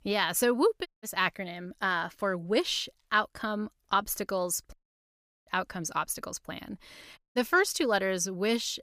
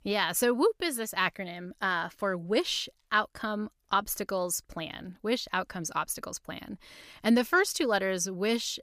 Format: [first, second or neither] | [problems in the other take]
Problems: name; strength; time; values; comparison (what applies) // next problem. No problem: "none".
second | audio cutting out; at 1 s, at 4.5 s for 0.5 s and at 7 s